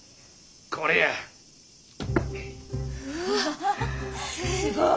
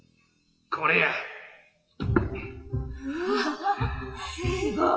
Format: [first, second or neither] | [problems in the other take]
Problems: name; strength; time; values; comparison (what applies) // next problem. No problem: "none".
first | noise reduction (classical method WPE with log-MMSE)